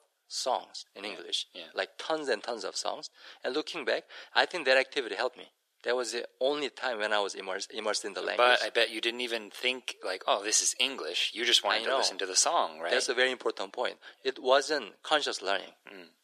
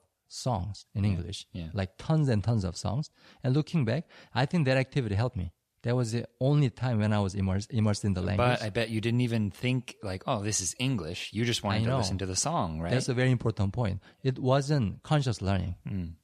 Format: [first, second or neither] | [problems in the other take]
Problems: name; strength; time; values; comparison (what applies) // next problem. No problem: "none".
second | thin; very; fading below 350 Hz